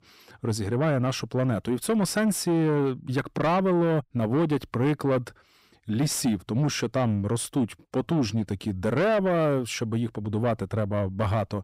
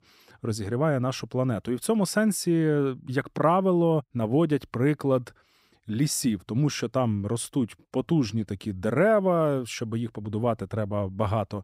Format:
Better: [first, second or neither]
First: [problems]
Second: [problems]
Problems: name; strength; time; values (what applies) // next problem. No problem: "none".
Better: second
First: distortion; slight; 10 dB below the speech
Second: none